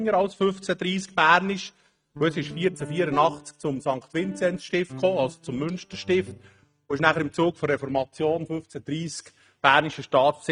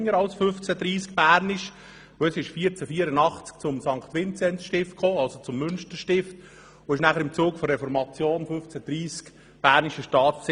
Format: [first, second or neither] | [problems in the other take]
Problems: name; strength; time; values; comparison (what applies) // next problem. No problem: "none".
second | noise reduction (neural mask model RNNoise)